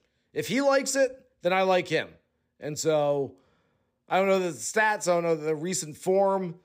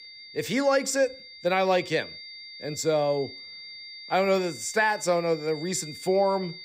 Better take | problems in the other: first | high-pitched whine; noticeable; throughout; 4.5 kHz, 15 dB below the speech

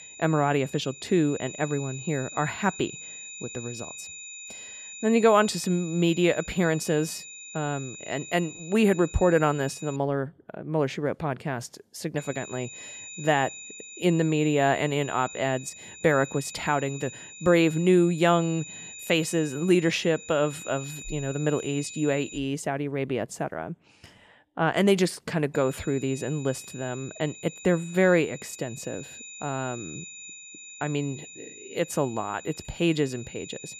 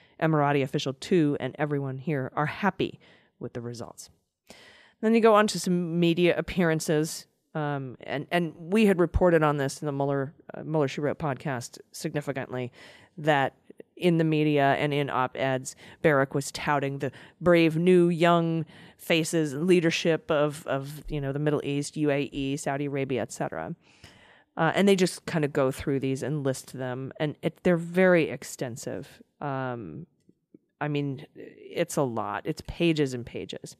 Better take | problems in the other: second | high-pitched whine; noticeable; until 10 s, from 12 to 22 s and from 26 s on; 2.5 kHz, 15 dB below the speech

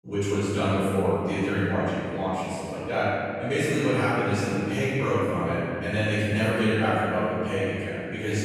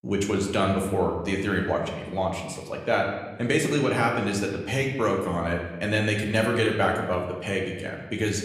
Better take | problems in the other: second | room echo; strong; dies away in 3 s; slight in the second // off-mic speech; far; somewhat distant in the second

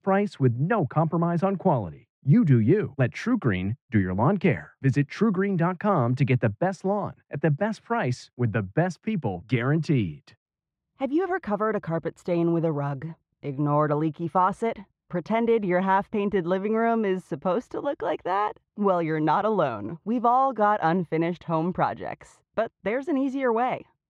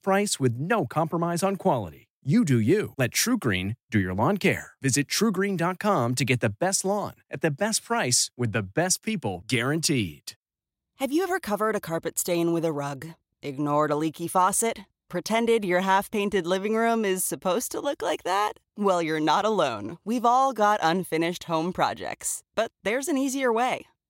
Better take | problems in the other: second | muffled; very; fading above 2 kHz

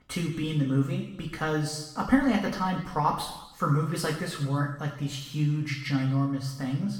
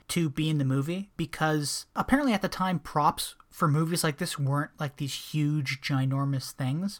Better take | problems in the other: second | room echo; noticeable; dies away in 0.8 s // off-mic speech; far

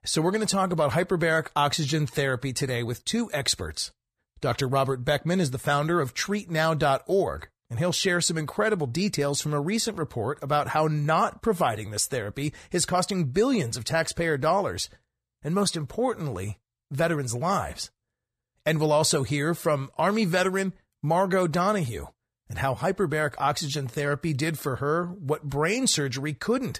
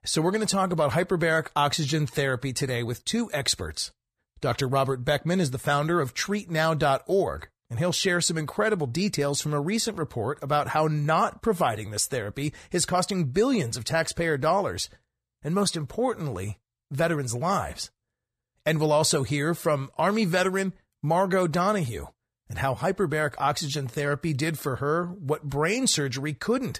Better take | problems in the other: neither | none

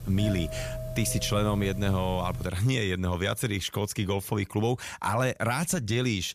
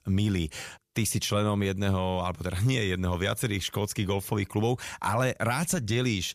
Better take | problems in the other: second | doorbell; noticeable; until 2.5 s; peak 6 dB below the speech

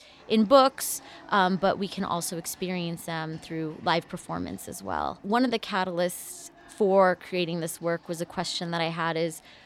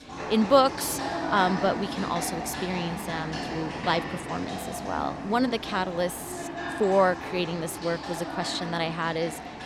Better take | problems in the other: first | animal sounds; loud; throughout; 6 dB below the speech; faint in the first

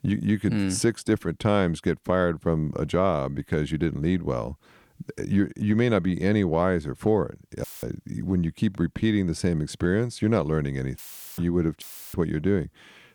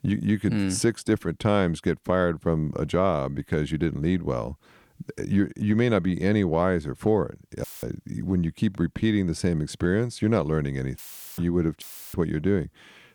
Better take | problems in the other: neither | audio cutting out; filled with static; at 7.5 s, at 11 s and at 12 s; the same in both

